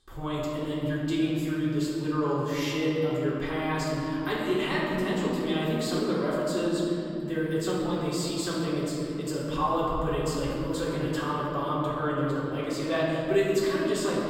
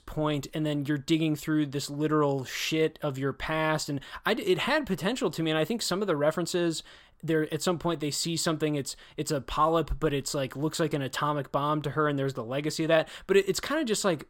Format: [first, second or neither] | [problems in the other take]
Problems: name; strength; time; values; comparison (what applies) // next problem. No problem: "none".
second | room echo; strong; dies away in 3 s // off-mic speech; far